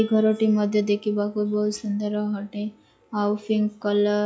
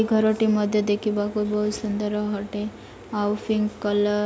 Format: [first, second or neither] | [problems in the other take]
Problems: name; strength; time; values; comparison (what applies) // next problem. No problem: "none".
second | noise reduction (classical method log-MMSE)